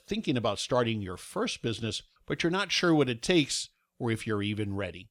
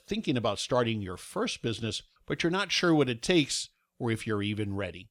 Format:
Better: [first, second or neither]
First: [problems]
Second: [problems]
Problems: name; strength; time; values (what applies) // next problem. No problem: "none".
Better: neither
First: none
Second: none